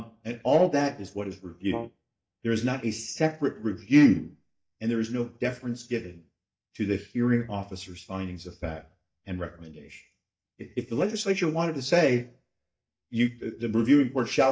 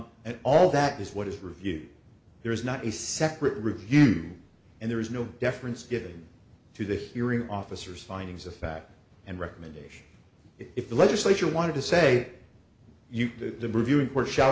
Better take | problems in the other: second | noise reduction (neural mask model DeepFilterNet 3)

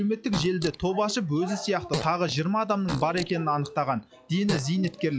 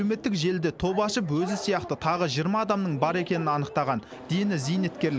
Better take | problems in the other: second | noise reduction (classical method log-MMSE)

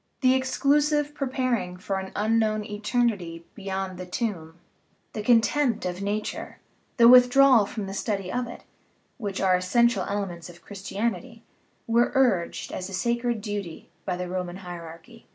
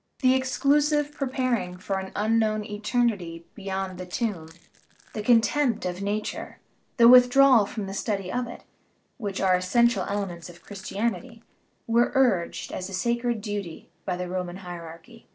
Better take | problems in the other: first | noise reduction (neural separator model SepFormer DNS4)

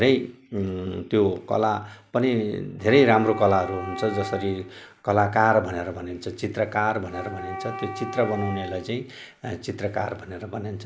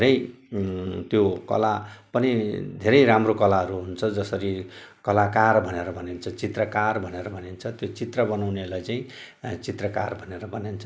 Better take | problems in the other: second | background sound (Wind instrument, woodwind instrument); 12 dB below the speech

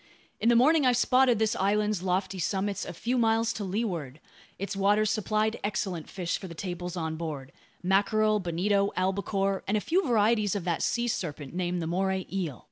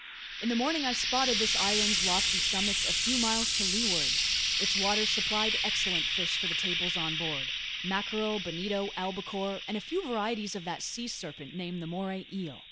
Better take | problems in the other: first | background sound (Frying (food)); 3 dB above the speech

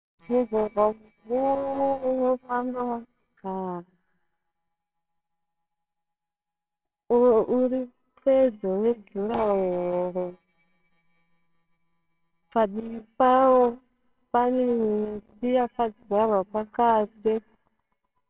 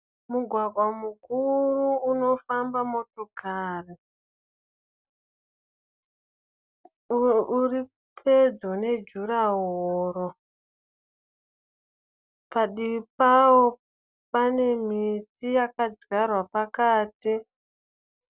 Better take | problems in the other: second | noise reduction (neural separator model SepFormer WHAMR!)

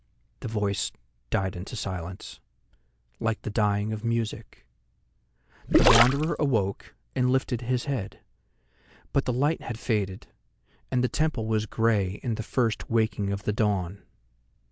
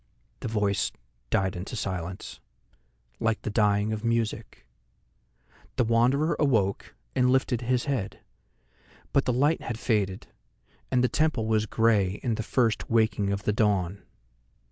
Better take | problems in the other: second | background sound (Gurgling); 5 dB above the speech

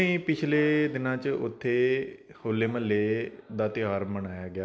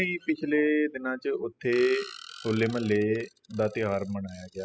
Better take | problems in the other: first | noise reduction (classical method spectral subtraction)

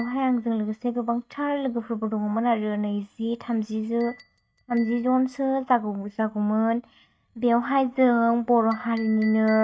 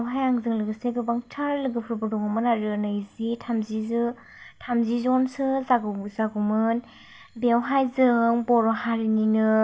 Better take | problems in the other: second | noise reduction (neural mask model RNNoise)

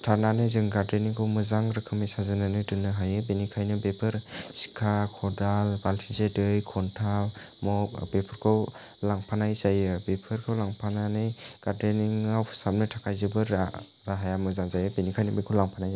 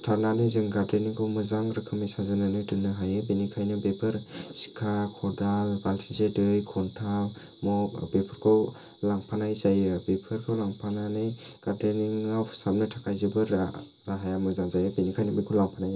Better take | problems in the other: first | room echo; dies away in 0.2 s

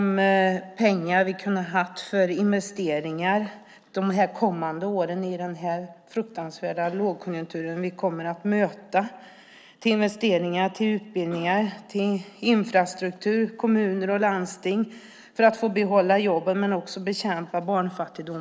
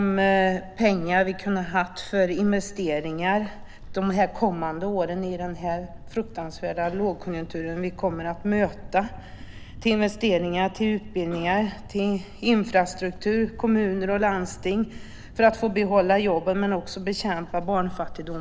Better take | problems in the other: first | background sound (Thunder); 15 dB below the speech

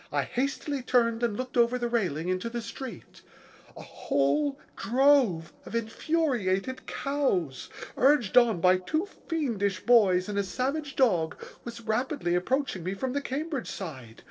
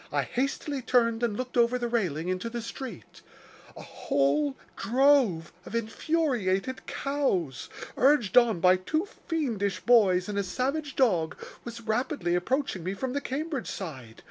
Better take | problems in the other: second | noise reduction (neural separator model SepFormer DNS4)

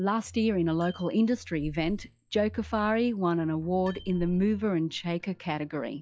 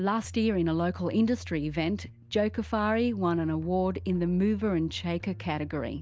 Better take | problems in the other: second | noise reduction (classical method log-MMSE)

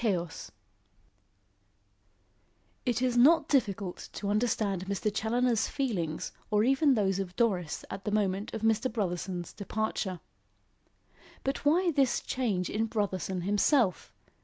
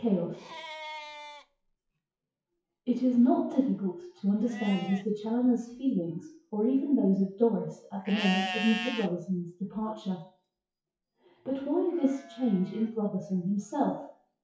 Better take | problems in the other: first | noise reduction (classical method WPE with log-MMSE)

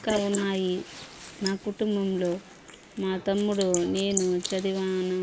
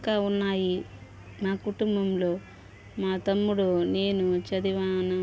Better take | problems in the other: second | noise reduction (neural mask model Resemble Enhance denoiser)

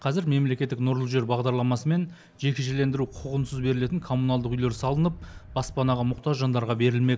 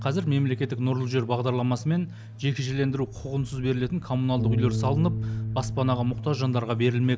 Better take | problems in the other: first | background sound (Bass guitar); 6 dB below the speech

